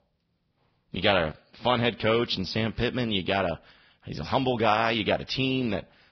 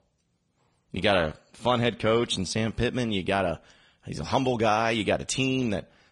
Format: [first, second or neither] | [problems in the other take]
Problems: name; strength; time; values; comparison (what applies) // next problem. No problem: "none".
second | garbled, watery; badly; nothing above 5.5 kHz; slightly in the second